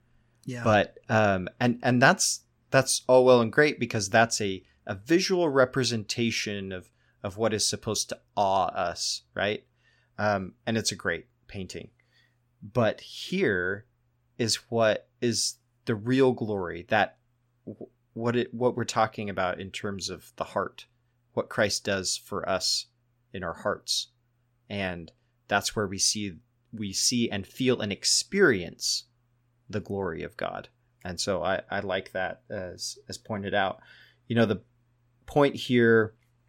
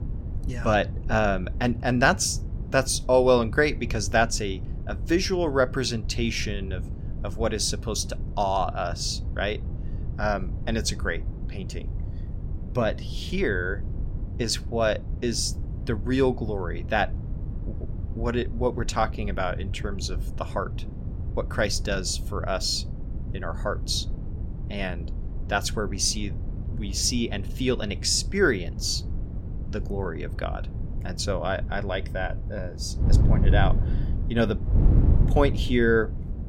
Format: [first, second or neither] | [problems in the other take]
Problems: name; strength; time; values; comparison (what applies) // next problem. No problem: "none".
first | wind noise on the microphone; occasional gusts; 15 dB below the speech